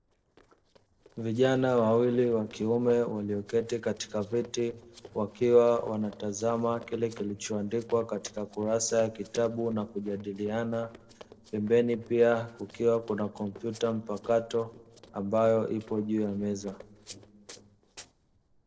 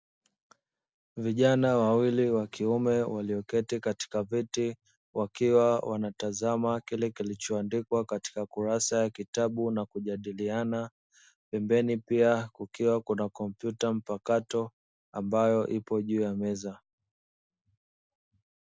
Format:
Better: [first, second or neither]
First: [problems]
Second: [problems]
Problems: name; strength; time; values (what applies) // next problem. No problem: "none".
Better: second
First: noise reduction (neural separator model SepFormer DNS4)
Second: none